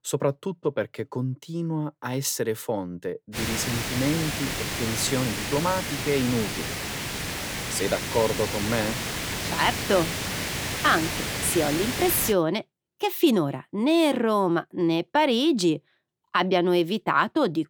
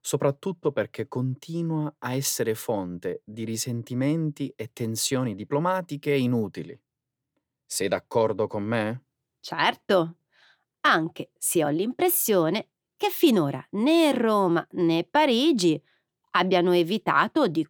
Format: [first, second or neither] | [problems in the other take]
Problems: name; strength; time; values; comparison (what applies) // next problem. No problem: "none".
second | hiss; loud; from 3.5 to 12 s; 3 dB below the speech